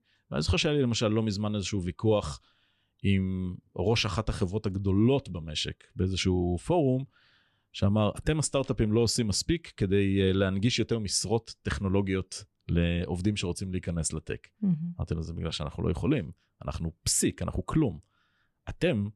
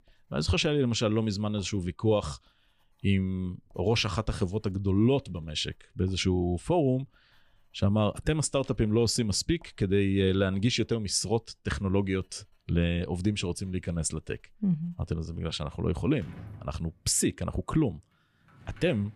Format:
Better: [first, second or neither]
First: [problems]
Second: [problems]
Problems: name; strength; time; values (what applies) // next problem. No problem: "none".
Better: first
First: none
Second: household noises; faint; throughout; 25 dB below the speech